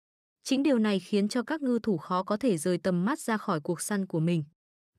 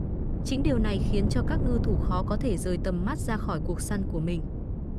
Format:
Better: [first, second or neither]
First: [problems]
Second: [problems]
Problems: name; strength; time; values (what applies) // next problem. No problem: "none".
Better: first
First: none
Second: wind noise on the microphone; heavy; 7 dB below the speech